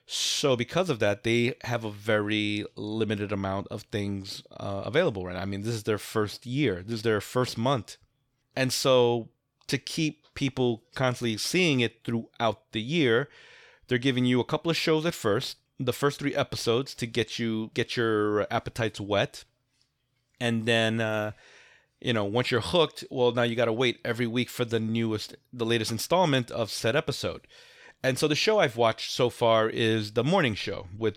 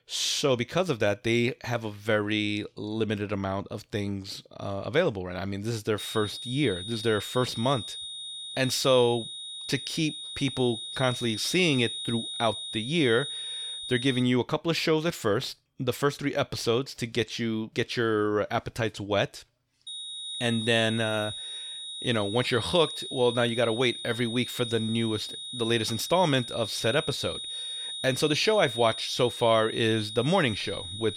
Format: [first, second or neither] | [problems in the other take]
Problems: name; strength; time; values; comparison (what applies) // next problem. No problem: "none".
first | high-pitched whine; loud; from 6 to 14 s and from 20 s on; 3.5 kHz, 7 dB below the speech